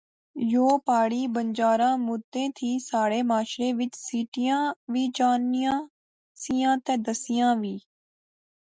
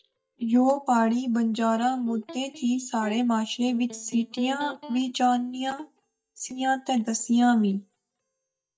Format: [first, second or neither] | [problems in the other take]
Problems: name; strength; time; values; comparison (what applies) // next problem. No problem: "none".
first | noise reduction (neural mask model DeepFilterNet 3)